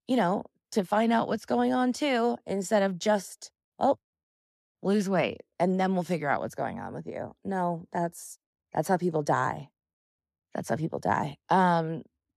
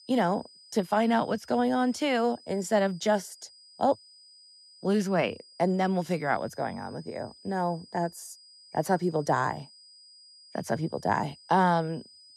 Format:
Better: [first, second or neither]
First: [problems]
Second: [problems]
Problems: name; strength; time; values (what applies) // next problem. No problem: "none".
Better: first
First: none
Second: high-pitched whine; faint; throughout; 5 kHz, 25 dB below the speech